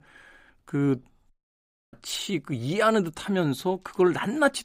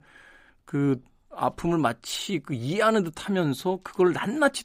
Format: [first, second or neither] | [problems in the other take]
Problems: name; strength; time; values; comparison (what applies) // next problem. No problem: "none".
second | audio cutting out; at 1.5 s for 0.5 s